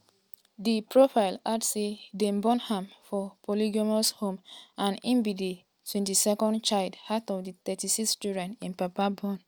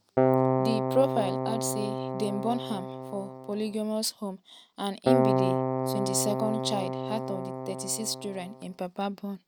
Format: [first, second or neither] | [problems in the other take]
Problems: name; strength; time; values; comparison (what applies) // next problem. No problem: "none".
first | background sound (Keyboard (musical)); 3 dB above the speech